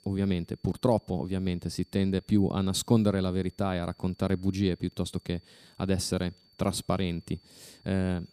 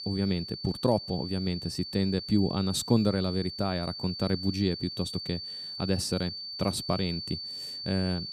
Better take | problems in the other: first | high-pitched whine; loud; throughout; 4.5 kHz, 7 dB below the speech; faint in the first

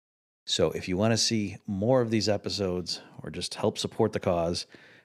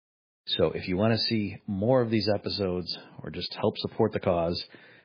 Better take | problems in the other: first | garbled, watery; badly; nothing above 4.5 kHz

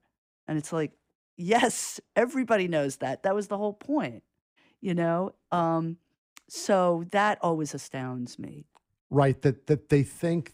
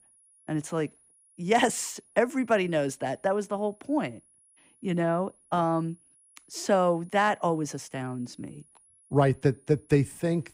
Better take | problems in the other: first | high-pitched whine; faint; throughout; 10.5 kHz, 30 dB below the speech

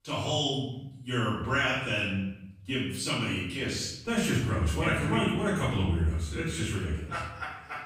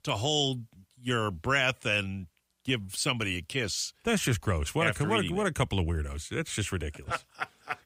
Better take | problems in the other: second | off-mic speech; far // room echo; noticeable; dies away in 0.8 s

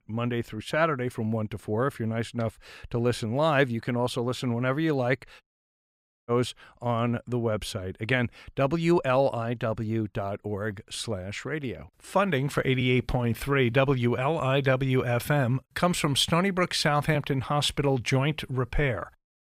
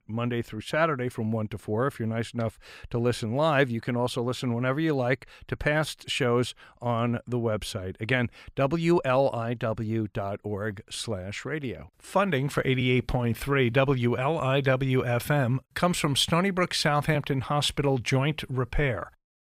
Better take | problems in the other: second | audio cutting out; at 5.5 s for 1 s

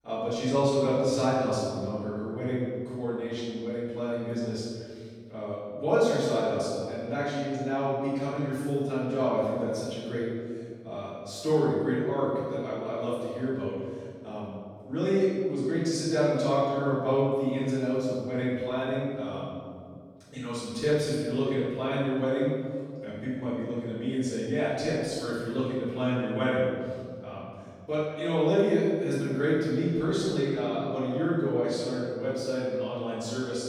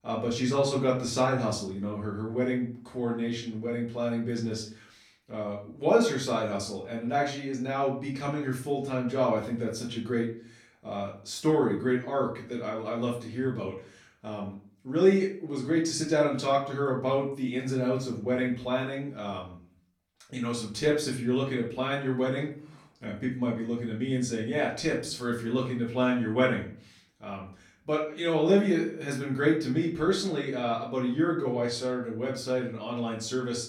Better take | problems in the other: second | room echo; strong; dies away in 2 s; slight in the second // off-mic speech; far; far in the second

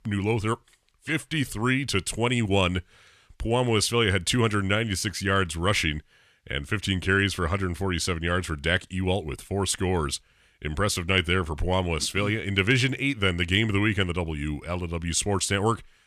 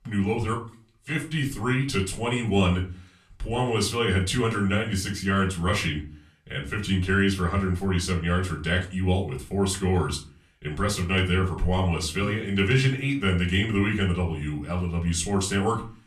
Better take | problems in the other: first | off-mic speech; far // room echo; very slight; dies away in 0.3 s

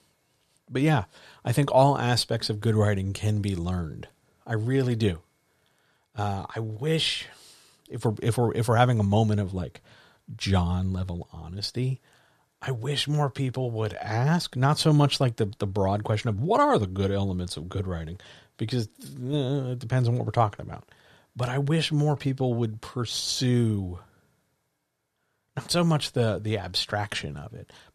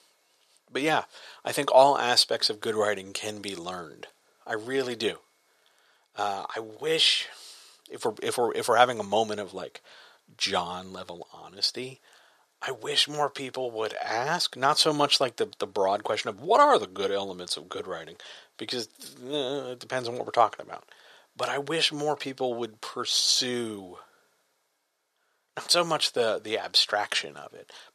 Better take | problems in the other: first | thin; very; fading below 500 Hz

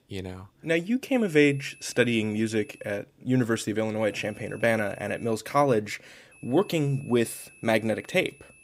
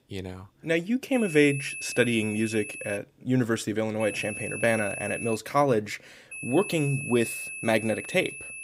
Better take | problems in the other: first | high-pitched whine; loud; from 1 to 3 s, from 4 to 5.5 s and from 6.5 s on; 2.5 kHz, 8 dB below the speech; faint in the first

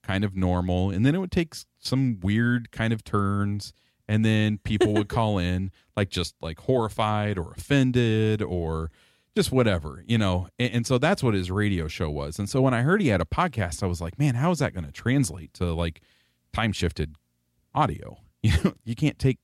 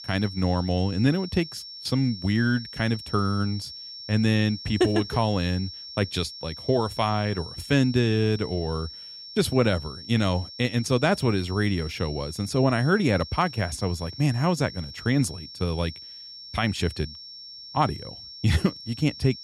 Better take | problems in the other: first | high-pitched whine; noticeable; throughout; 5.5 kHz, 15 dB below the speech

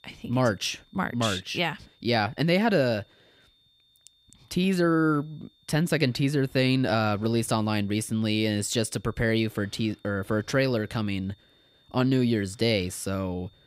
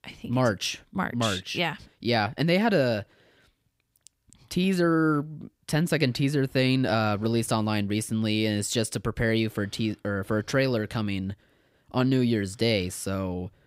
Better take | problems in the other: second | high-pitched whine; faint; throughout; 3.5 kHz, 35 dB below the speech

